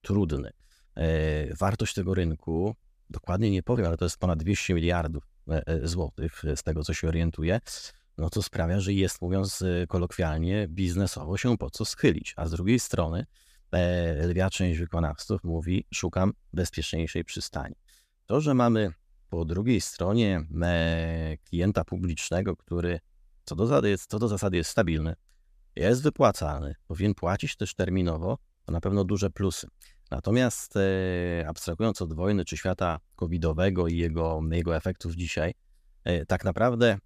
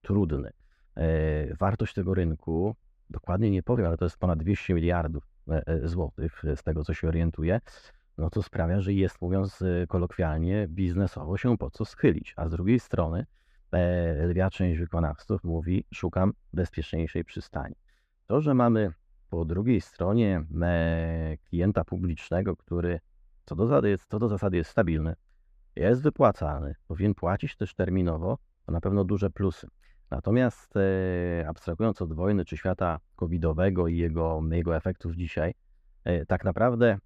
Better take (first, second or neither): first